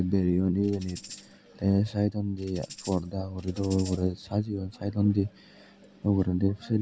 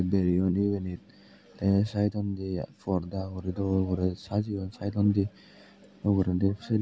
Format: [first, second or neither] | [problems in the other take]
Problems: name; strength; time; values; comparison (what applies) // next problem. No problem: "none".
second | background sound (Tambourine); 19 dB below the speech